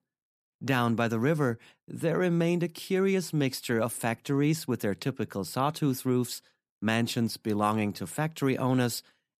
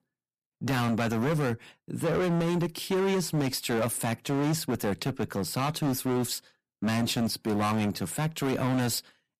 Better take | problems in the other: first | distortion; heavy; 17% of the sound clipped

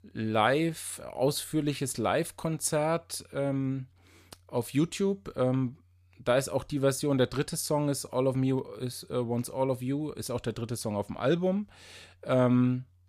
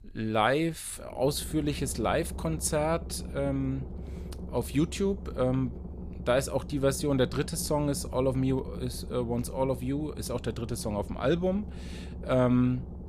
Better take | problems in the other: first | low rumble; noticeable; throughout; 20 dB below the speech

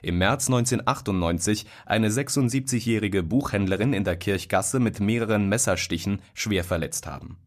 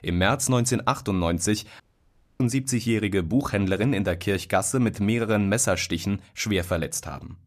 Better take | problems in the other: first | audio cutting out; at 2 s for 0.5 s

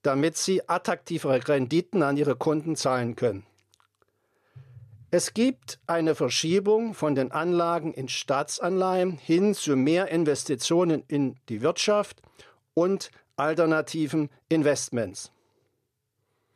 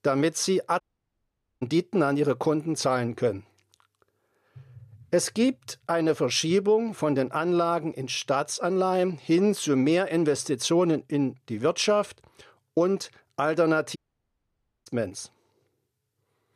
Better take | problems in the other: first | audio cutting out; at 1 s for 1 s and at 14 s for 1 s

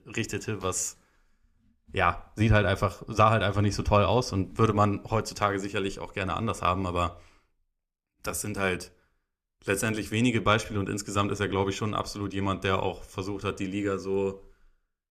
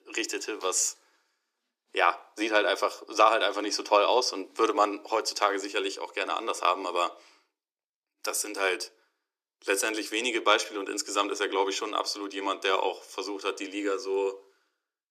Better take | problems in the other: first | thin; very; fading below 300 Hz

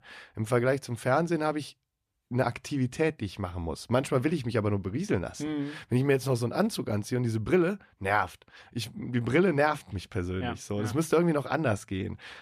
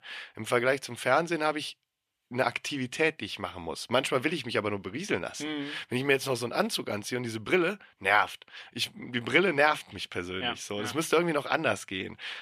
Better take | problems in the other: first | thin; somewhat; fading below 1 kHz

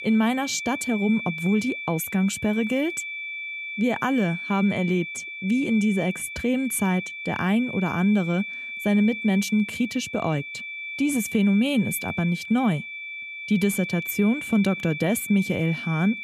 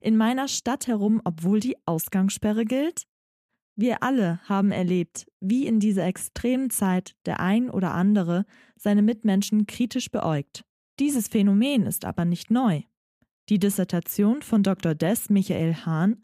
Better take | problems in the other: second | high-pitched whine; loud; throughout; 2.5 kHz, 8 dB below the speech

